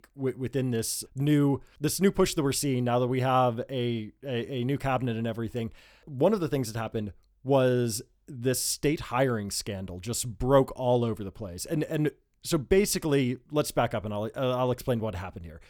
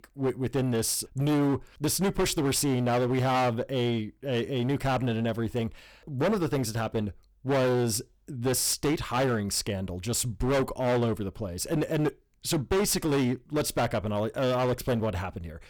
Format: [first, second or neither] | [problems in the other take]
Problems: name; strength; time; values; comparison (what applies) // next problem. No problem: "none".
first | distortion; heavy; 15% of the sound clipped